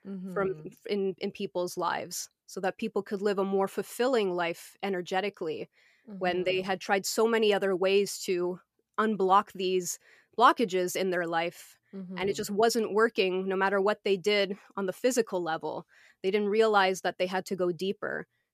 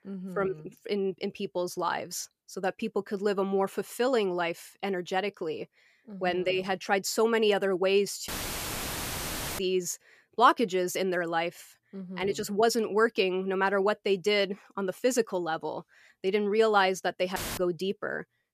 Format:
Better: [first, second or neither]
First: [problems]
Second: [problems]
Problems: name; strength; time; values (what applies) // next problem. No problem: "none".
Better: first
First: none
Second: audio cutting out; filled with static; at 8.5 s for 1.5 s and at 17 s